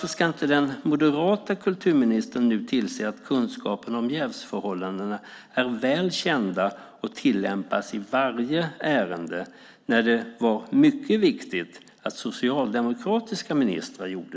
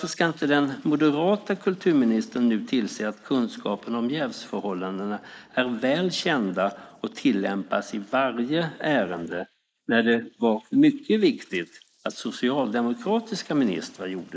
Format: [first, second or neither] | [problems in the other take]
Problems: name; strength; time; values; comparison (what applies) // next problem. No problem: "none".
first | noise reduction (neural mask model Resemble Enhance denoiser)